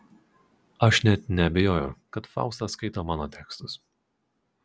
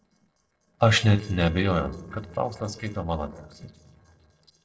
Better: first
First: none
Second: noise reduction (neural separator model SepFormer DNS4)

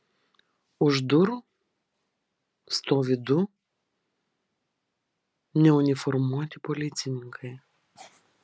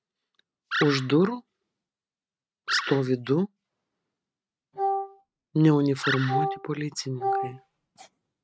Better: first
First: none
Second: noise reduction (neural mask model RNNoise)

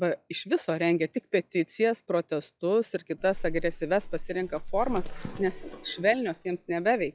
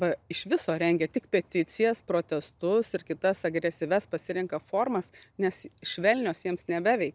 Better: second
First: noise reduction (classical method log-MMSE)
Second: none

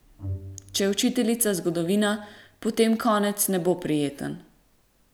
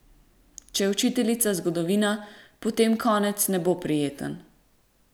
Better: second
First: background sound (Bowed string instrument); 15 dB below the speech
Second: none

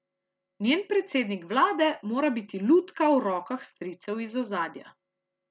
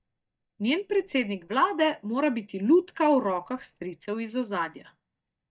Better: first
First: none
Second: noise reduction (neural mask model DeepFilterNet 3)

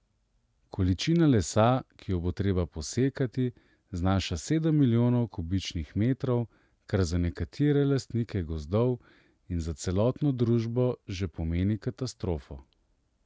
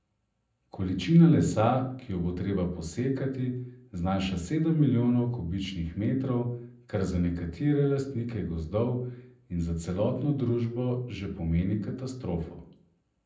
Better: first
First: none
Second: room echo; dies away in 0.6 s

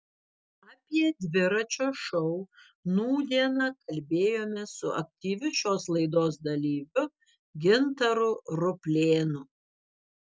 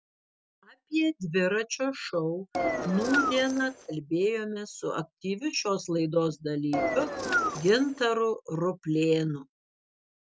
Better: first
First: none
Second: background sound (Engine); 1 dB below the speech

